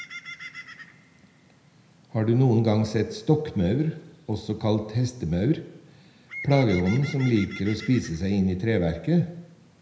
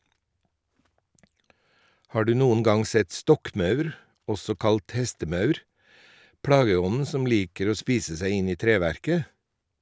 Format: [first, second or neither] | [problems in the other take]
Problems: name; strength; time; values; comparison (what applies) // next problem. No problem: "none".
second | background sound (Bird); 19 dB below the speech // room echo; dies away in 0.7 s